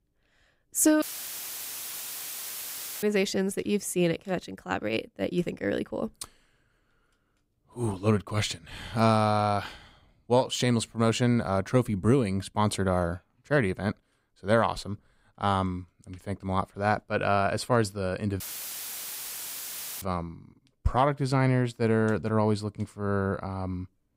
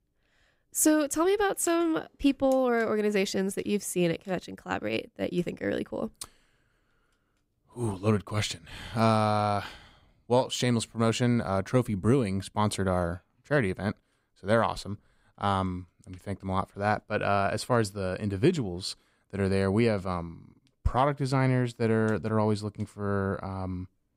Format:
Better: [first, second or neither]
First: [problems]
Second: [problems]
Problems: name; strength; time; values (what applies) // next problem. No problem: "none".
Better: second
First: audio cutting out; filled with static; at 1 s for 2 s and at 18 s for 1.5 s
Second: none